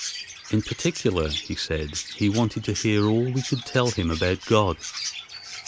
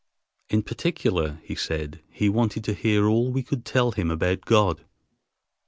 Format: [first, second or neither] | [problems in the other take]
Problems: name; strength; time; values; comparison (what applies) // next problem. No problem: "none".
second | background sound (Chirp, tweet); 11 dB below the speech